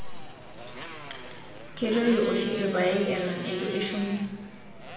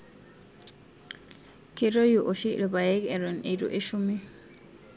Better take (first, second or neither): second